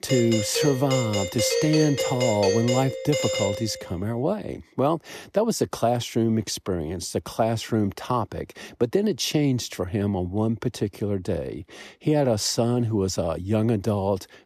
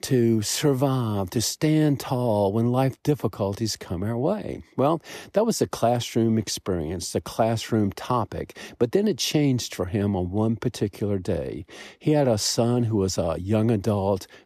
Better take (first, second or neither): second